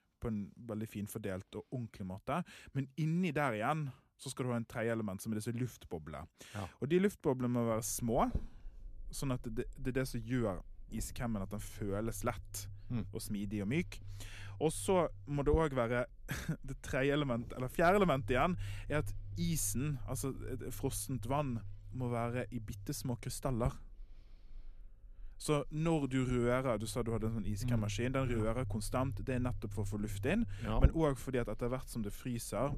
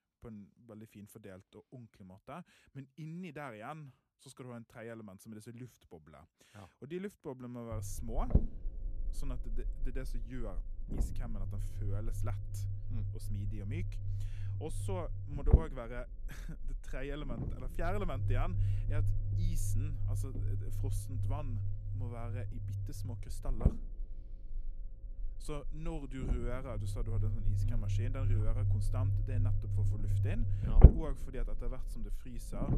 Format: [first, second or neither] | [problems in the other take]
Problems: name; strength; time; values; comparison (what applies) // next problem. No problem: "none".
first | low rumble; loud; from 7.5 s on; as loud as the speech; faint in the first